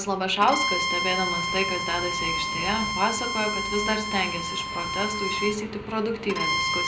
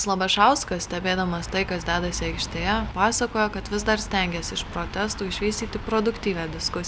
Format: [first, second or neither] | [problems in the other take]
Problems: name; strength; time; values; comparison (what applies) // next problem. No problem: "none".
second | background sound (Bowed string instrument); 1 dB below the speech // room echo; dies away in 0.4 s